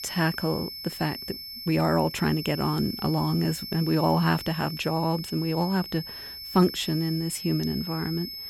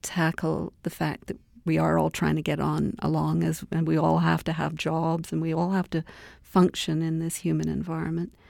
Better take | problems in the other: second | high-pitched whine; loud; throughout; 5.5 kHz, 9 dB below the speech

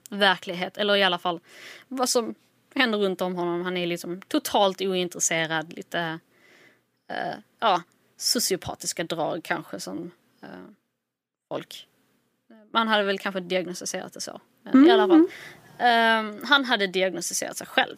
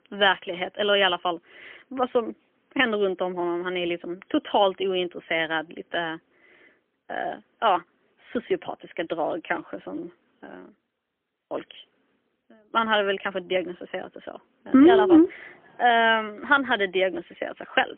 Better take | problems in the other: first | phone-call audio; poor line; nothing above 3.5 kHz

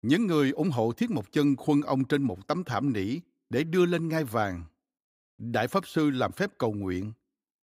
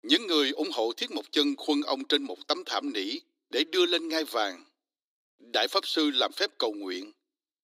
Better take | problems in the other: first | thin; very slightly; fading below 300 Hz

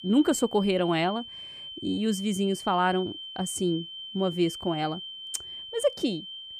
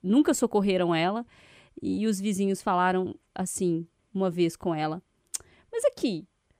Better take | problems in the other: second | high-pitched whine; loud; throughout; 3 kHz, 10 dB below the speech

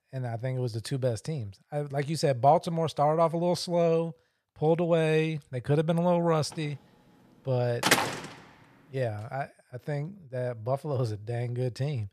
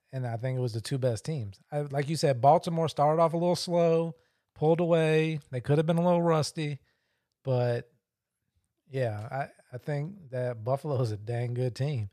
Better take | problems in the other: second | door banging; loud; at 8 s; peak 4 dB above the speech

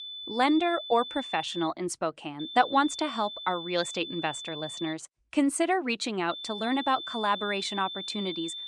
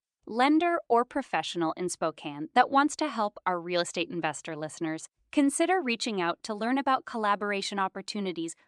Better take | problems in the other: second | high-pitched whine; loud; until 1.5 s, from 2.5 to 5 s and from 6.5 s on; 3.5 kHz, 8 dB below the speech

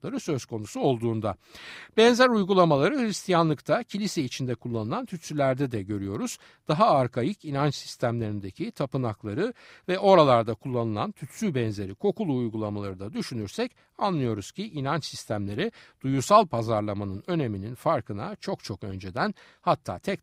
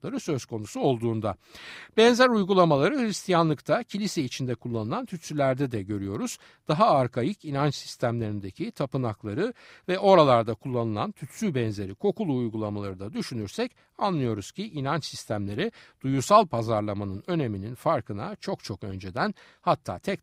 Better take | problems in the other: neither | none

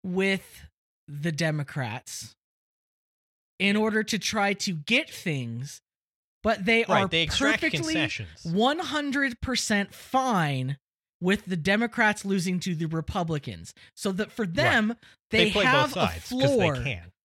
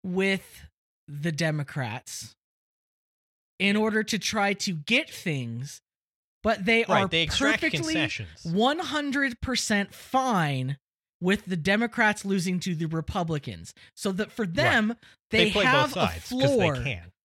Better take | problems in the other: neither | none

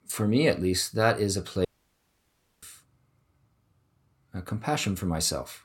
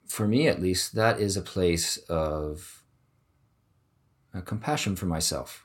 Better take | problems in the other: second | audio cutting out; at 1.5 s for 1 s

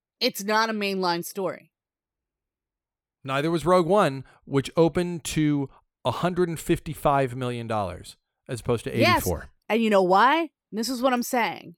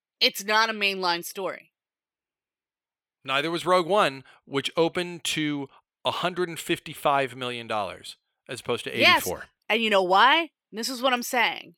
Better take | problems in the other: first | thin; very slightly; fading below 400 Hz

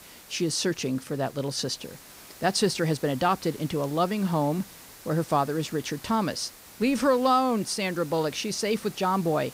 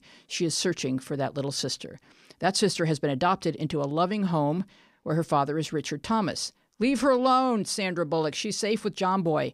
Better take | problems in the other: second | hiss; noticeable; throughout; 20 dB below the speech

